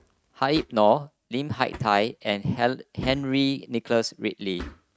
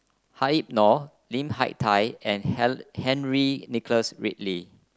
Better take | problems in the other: second | noise reduction (neural mask model RNNoise)

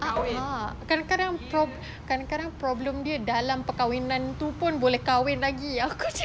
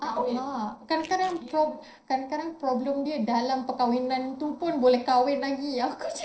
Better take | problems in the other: first | noise reduction (neural separator model SepFormer DNS4)

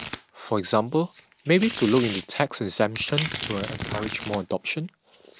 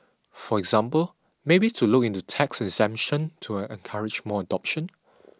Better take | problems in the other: second | background sound (Domestic sounds, home sounds); 10 dB below the speech

